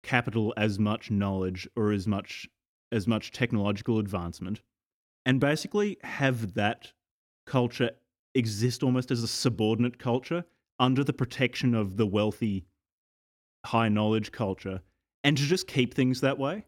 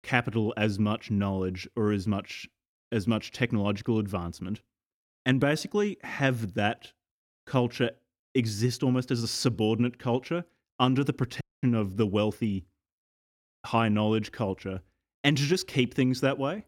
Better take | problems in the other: first | audio cutting out; at 11 s

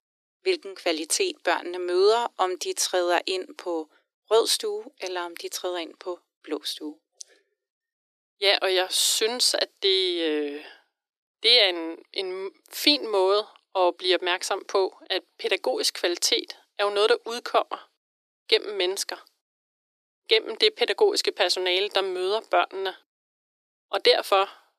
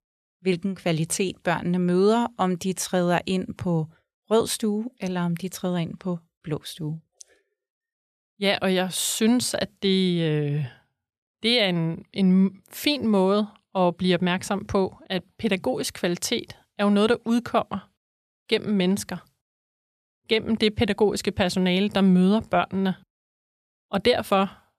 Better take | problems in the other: second | thin; very; fading below 300 Hz

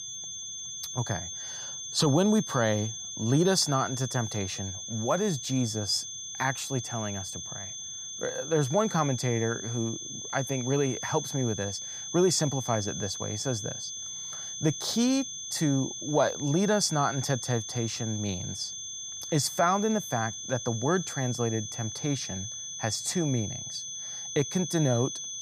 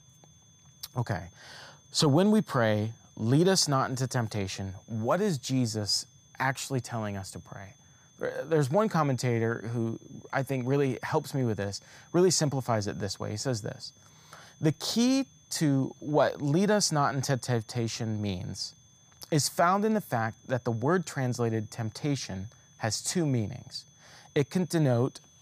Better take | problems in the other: second | high-pitched whine; loud; throughout; 6.5 kHz, 6 dB below the speech; faint in the second

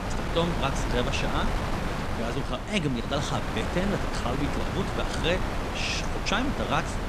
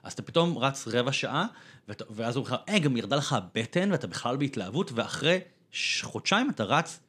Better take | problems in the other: second | wind noise on the microphone; heavy; 2 dB below the speech

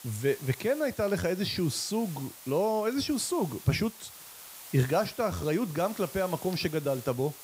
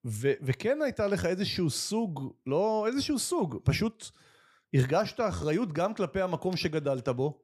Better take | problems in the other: second | hiss; noticeable; throughout; 15 dB below the speech

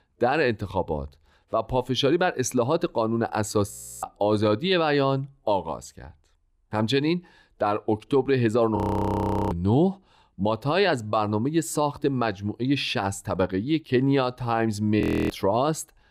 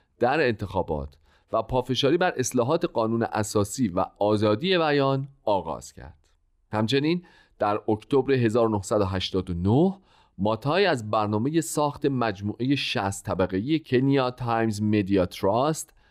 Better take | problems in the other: second | audio freezing; at 3.5 s, at 9 s for 0.5 s and at 15 s

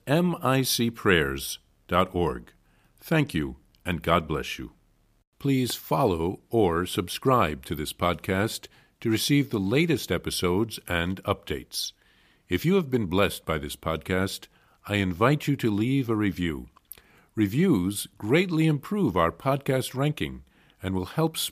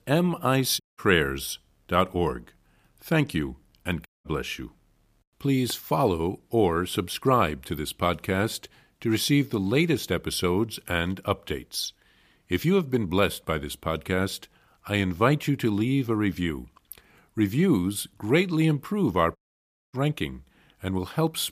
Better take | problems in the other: first | audio cutting out; at 1 s, at 4 s and at 19 s for 0.5 s

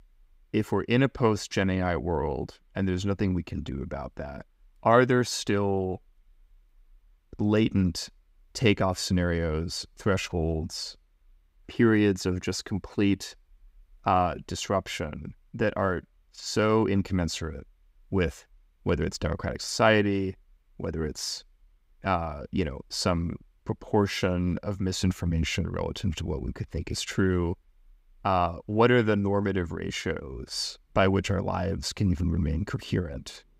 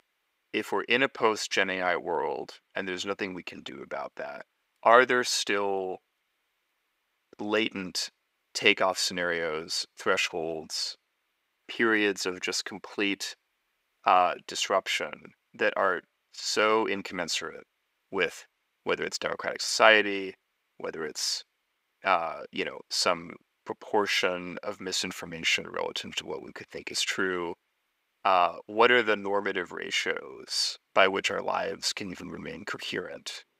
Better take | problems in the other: first | thin; very; fading below 450 Hz

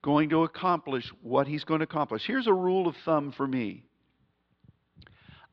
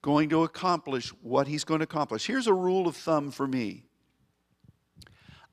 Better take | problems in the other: second | muffled; slightly; fading above 4 kHz

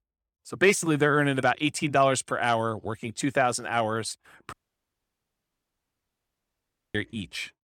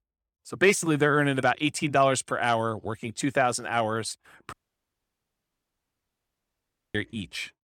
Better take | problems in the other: neither | audio cutting out; at 4.5 s for 2.5 s; the same in both

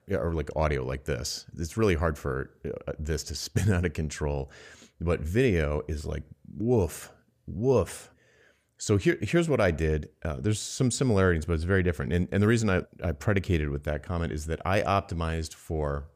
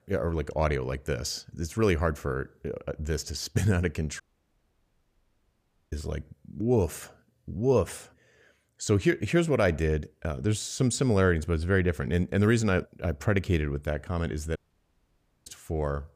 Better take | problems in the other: first | audio cutting out; at 4 s for 1.5 s and at 15 s for 1 s

